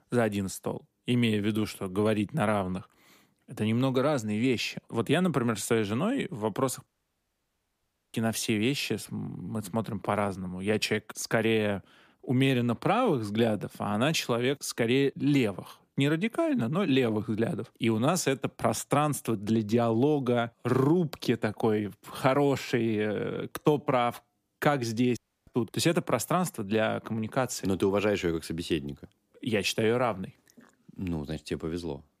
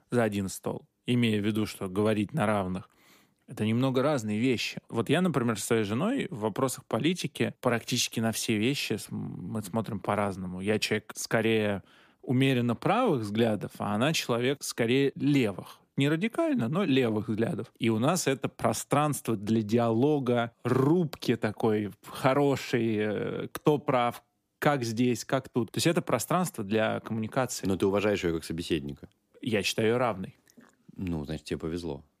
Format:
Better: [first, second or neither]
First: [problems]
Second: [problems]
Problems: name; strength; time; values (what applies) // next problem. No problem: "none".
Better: second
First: audio cutting out; at 7 s for 1.5 s and at 25 s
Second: none